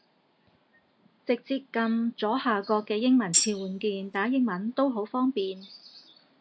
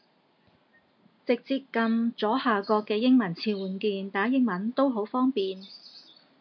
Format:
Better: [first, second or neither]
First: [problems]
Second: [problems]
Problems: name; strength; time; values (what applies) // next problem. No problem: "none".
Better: second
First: background sound (Tambourine); as loud as the speech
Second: none